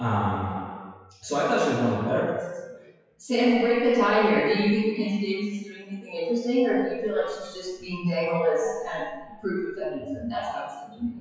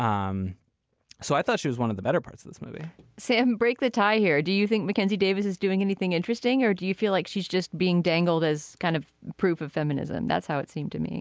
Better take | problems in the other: second | noise reduction (classical method WPE with log-MMSE)

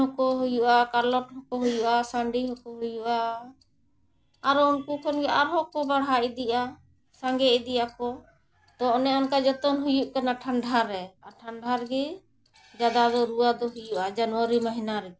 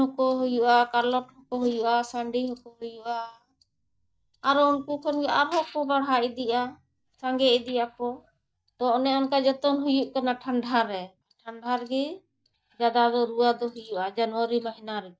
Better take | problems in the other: first | noise reduction (neural mask model DeepFilterNet 3)

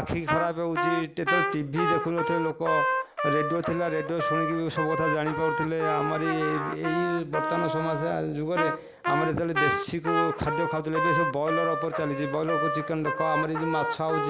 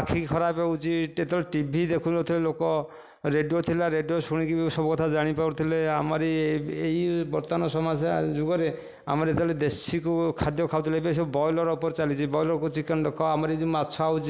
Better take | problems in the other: second | background sound (Trumpet); 1 dB below the speech

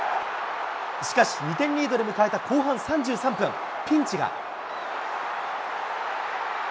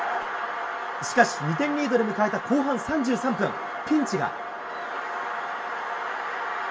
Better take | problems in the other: first | room echo; dies away in 0.1 s

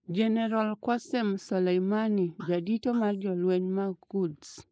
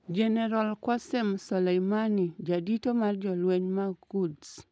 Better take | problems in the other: second | noise reduction (neural mask model Resemble Enhance denoiser)

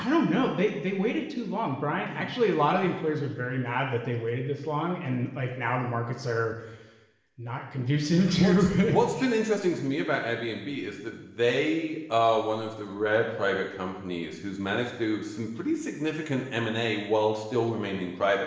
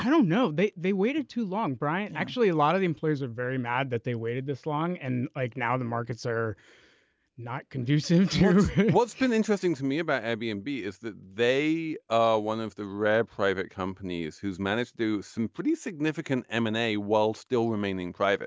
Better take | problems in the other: second | room echo; dies away in 0.9 s

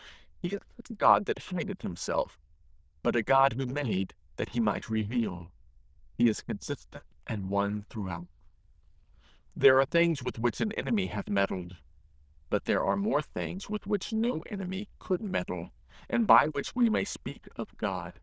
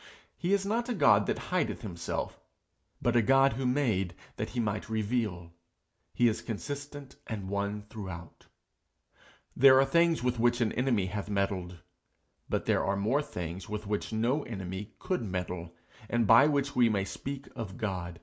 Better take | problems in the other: second | noise reduction (neural diffusion model UNIVERSE++)

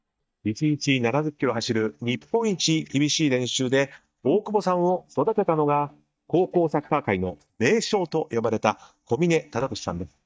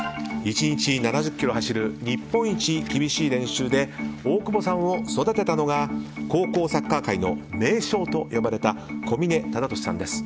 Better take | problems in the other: second | noise reduction (neural mask model DeepFilterNet 3)

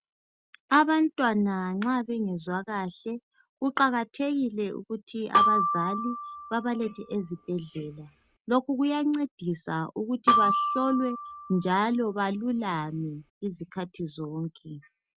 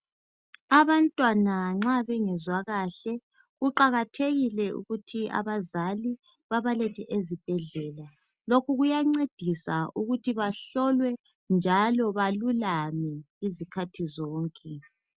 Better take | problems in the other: second | background sound (Glockenspiel); as loud as the speech

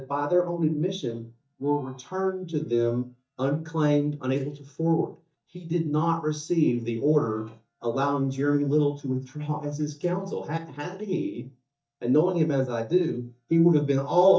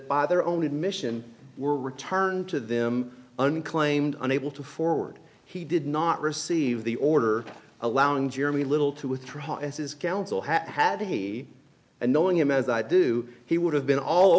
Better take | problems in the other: second | noise reduction (neural mask model DeepFilterNet 3)

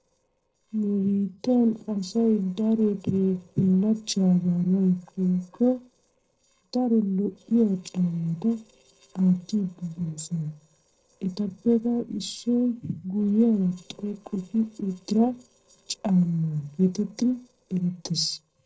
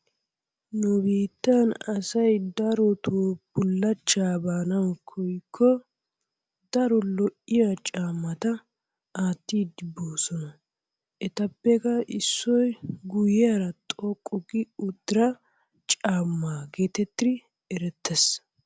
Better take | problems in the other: second | noise reduction (neural separator model SepFormer DNS4)

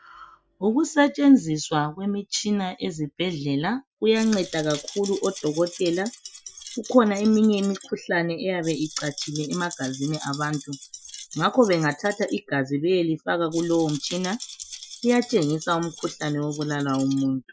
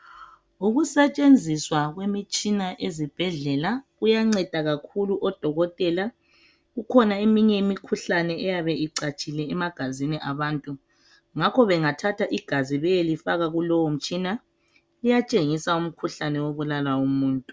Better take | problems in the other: second | noise reduction (classical method Wiener filter)

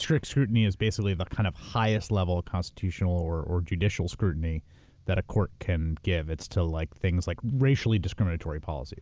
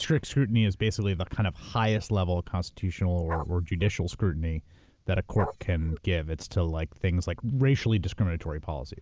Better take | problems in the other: first | noise reduction (neural mask model Resemble Enhance denoiser)

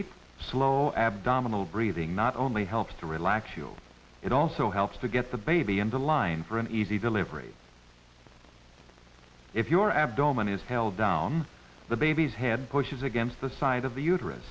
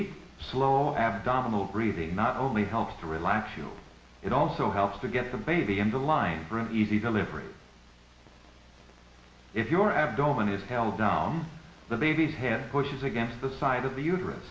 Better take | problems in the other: first | room echo; dies away in 0.7 s

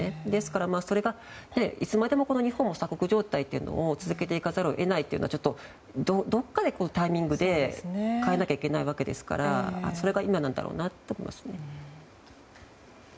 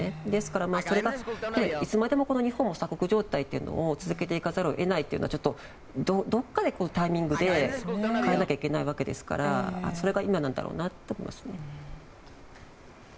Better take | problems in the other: first | background sound (Fixed-wing aircraft, airplane); 11 dB below the speech

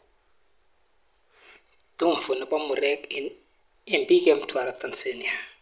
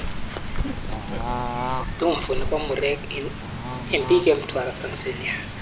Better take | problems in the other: first | background sound (Bird / Fowl); 2 dB below the speech

